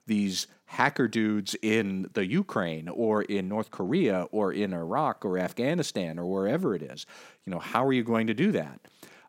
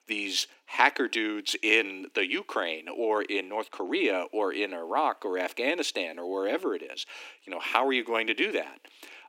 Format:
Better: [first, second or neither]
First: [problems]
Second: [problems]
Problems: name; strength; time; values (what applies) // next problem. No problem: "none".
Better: first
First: none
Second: thin; somewhat; fading below 300 Hz